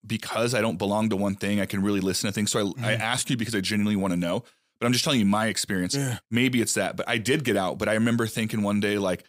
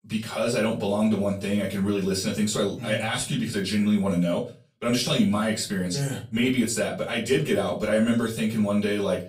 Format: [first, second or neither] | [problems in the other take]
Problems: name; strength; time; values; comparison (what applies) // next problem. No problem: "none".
first | off-mic speech; far // room echo; very slight; dies away in 0.3 s